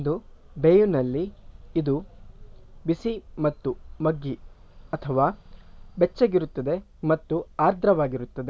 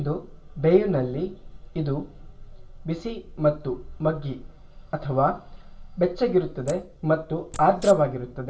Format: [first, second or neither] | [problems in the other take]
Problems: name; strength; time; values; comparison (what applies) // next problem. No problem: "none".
first | background sound (Wild animals); 15 dB below the speech // room echo; dies away in 0.4 s